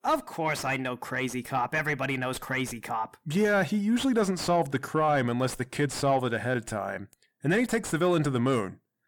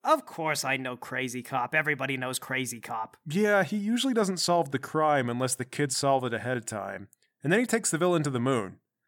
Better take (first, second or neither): second